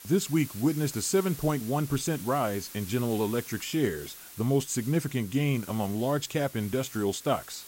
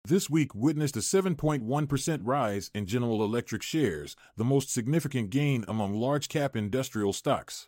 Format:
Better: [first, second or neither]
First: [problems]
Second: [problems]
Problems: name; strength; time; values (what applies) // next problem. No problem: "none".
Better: second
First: hiss; noticeable; throughout; 15 dB below the speech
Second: none